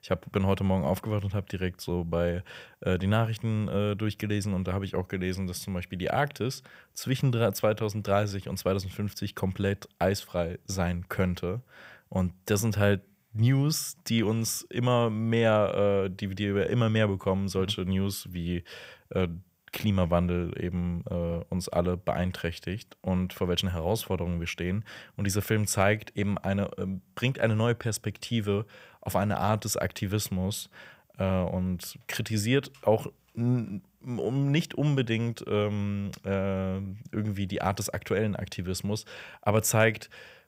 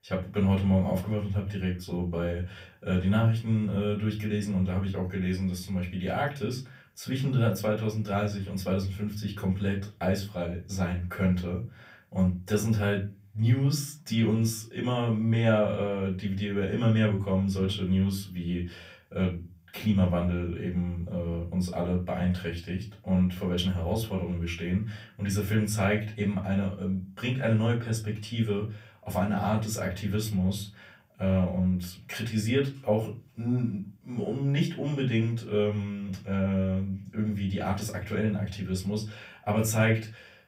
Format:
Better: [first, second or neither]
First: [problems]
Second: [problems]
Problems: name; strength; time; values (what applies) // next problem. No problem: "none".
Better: first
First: none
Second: off-mic speech; far // room echo; very slight; dies away in 0.3 s